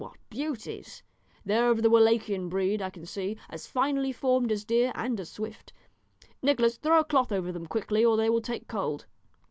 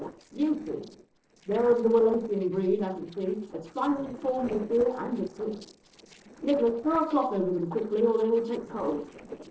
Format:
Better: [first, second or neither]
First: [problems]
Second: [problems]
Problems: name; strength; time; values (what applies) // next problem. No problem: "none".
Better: first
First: none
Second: noise reduction (neural separator model SepFormer DNS4)